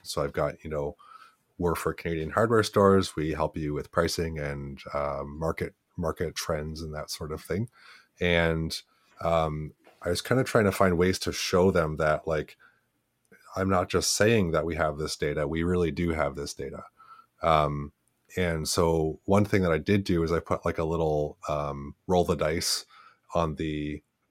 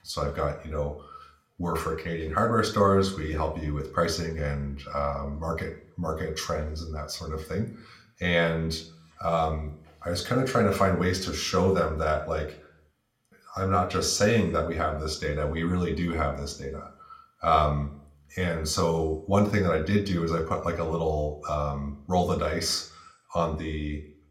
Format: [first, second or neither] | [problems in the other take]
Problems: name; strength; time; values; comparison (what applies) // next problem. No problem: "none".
first | room echo; very slight; dies away in 0.4 s